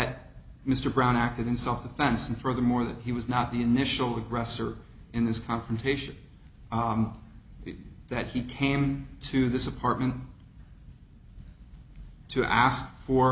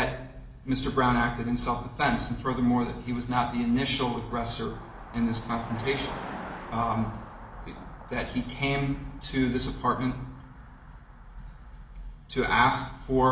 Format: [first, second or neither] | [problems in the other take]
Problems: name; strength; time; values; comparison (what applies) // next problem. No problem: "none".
first | background sound (Car passing by); 17 dB below the speech // room echo; dies away in 0.9 s